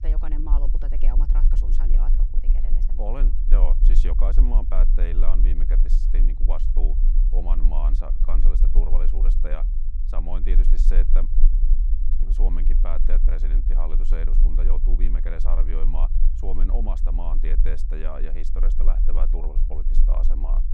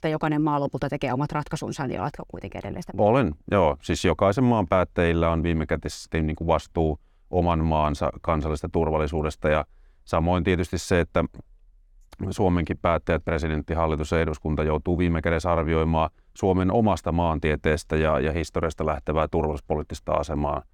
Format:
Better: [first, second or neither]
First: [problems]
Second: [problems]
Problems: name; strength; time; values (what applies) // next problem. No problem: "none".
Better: second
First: low rumble; loud; throughout; 9 dB below the speech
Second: none